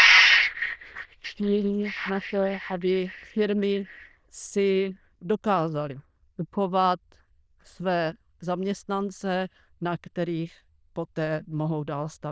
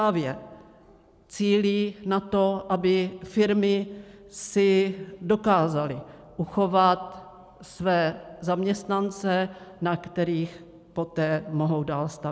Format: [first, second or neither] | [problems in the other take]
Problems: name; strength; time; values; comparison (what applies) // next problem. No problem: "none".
second | noise reduction (neural diffusion model UNIVERSE++)